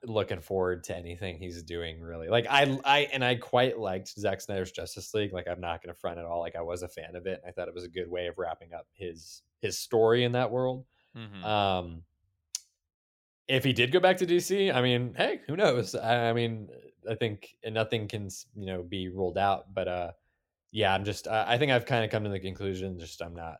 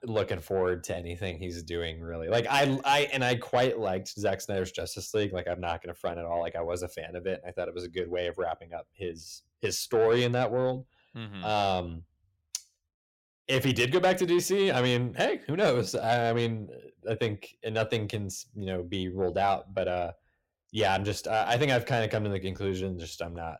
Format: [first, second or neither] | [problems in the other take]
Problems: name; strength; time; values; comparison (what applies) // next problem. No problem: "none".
first | distortion; slight; 10 dB below the speech